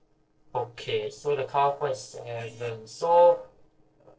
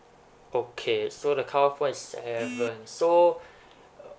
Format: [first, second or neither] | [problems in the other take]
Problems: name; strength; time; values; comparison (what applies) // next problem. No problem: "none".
second | noise reduction (neural separator model SepFormer DNS4)